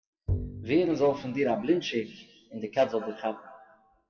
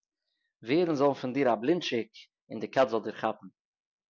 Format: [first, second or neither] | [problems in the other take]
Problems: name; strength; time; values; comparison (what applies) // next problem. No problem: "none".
second | noise reduction (classical method WPE with log-MMSE)